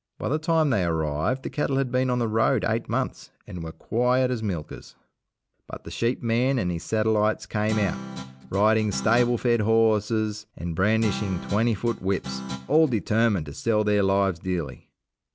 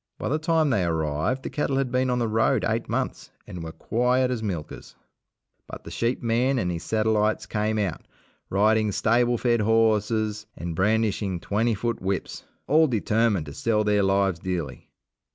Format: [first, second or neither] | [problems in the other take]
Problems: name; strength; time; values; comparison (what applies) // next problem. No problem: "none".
second | background sound (Guitar); 11 dB below the speech